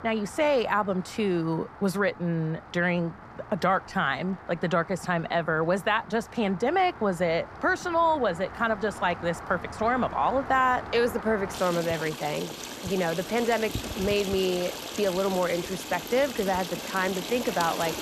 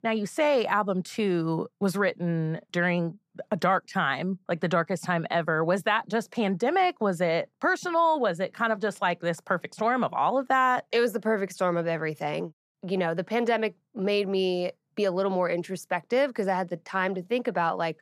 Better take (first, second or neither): second